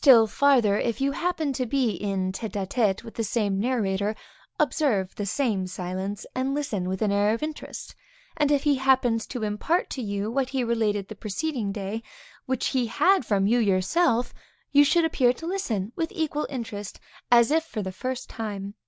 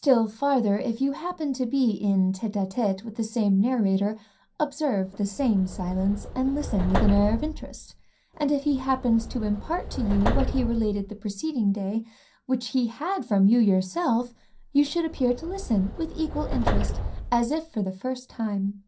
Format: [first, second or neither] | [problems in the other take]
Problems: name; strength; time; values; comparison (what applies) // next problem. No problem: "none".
first | background sound (Subway, metro, underground); 4 dB below the speech // room echo; dies away in 0.3 s